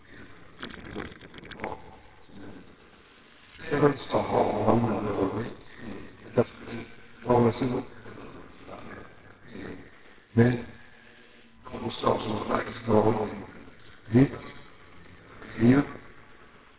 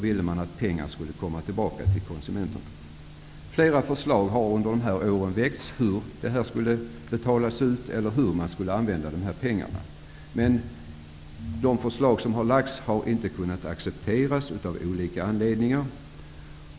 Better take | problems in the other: second | noise reduction (neural separator model SepFormer WHAMR!)

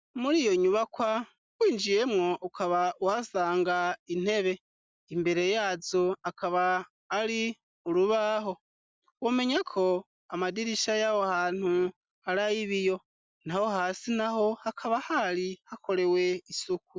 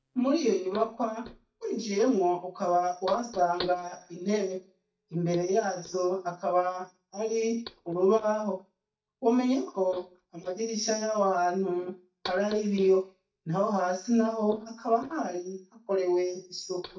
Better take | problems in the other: first | noise reduction (neural mask model DeepFilterNet 3)

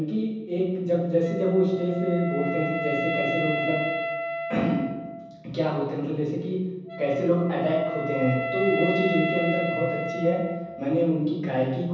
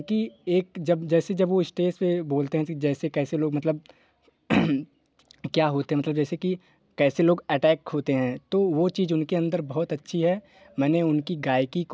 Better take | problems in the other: second | background sound (Wind instrument, woodwind instrument); 6 dB below the speech // room echo; dies away in 1.1 s

